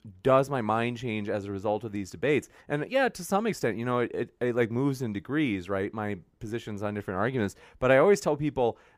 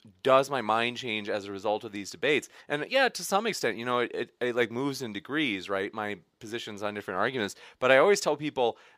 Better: first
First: none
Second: thin; very slightly; fading below 1 kHz

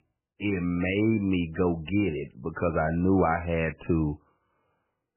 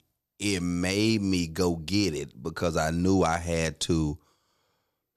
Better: second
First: garbled, watery; badly; nothing above 3 kHz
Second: none

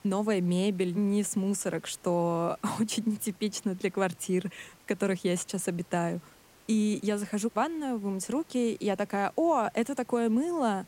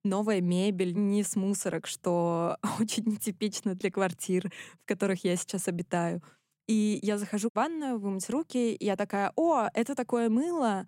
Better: second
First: hiss; faint; throughout; 25 dB below the speech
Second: none

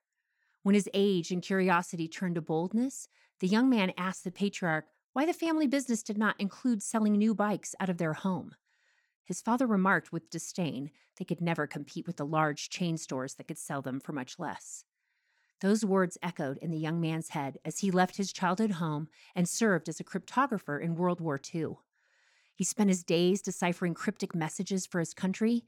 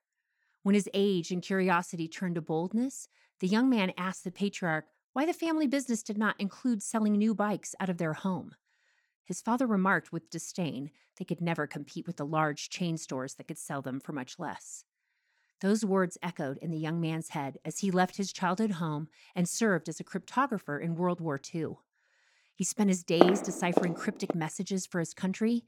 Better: first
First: none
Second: footsteps; loud; from 23 to 24 s; peak 5 dB above the speech

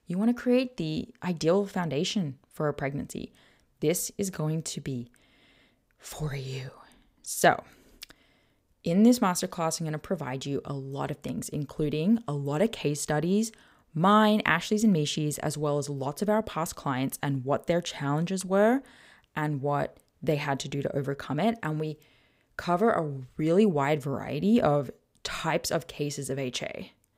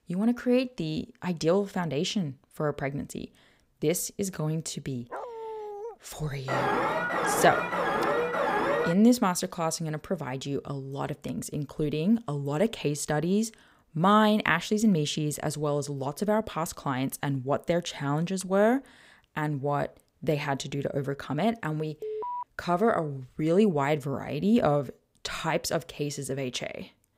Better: first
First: none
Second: dog barking; noticeable; at 5 s; peak 9 dB below the speech // alarm; loud; from 6.5 to 9 s; peak 2 dB above the speech // alarm; noticeable; at 22 s; peak 6 dB below the speech

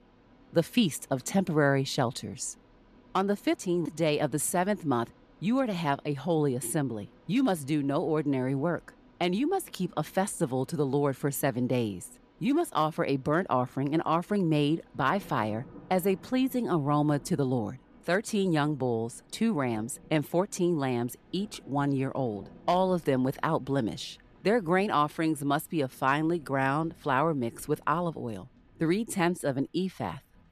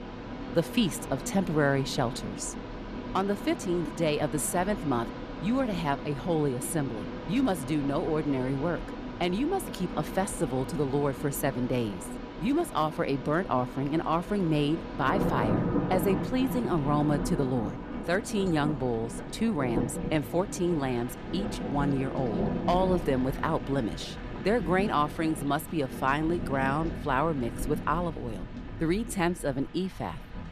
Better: first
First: rain or running water; faint; throughout; 25 dB below the speech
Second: rain or running water; loud; throughout; 7 dB below the speech

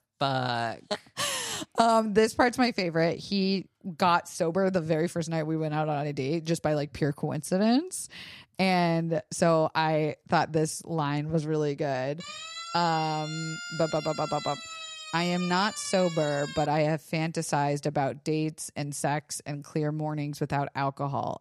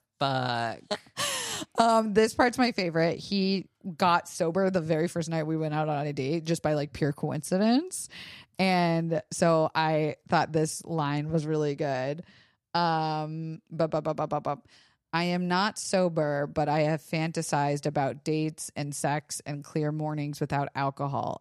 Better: second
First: siren; noticeable; from 12 to 17 s; peak 8 dB below the speech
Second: none

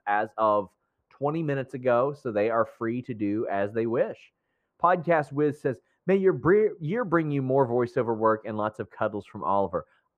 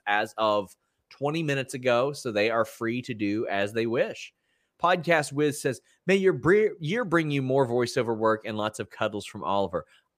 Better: second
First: muffled; very; fading above 2.5 kHz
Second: none

